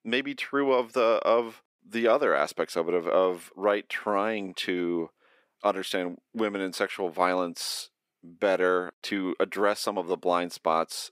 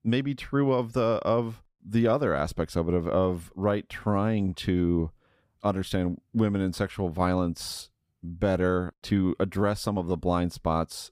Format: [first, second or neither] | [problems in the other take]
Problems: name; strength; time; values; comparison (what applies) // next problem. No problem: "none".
second | thin; somewhat; fading below 350 Hz